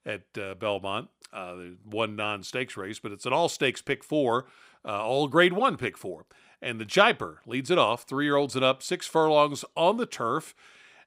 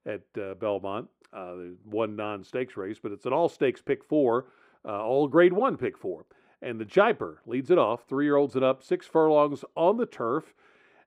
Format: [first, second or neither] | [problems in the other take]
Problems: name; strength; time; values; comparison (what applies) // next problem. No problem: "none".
first | muffled; very; fading above 3 kHz